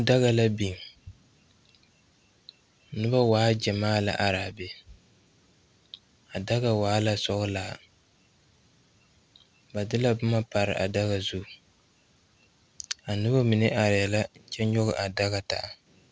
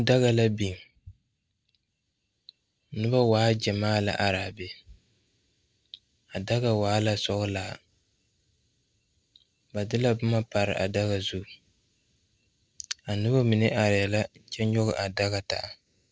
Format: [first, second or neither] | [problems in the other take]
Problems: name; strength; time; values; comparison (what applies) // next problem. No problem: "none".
first | noise reduction (neural mask model DeepFilterNet 3)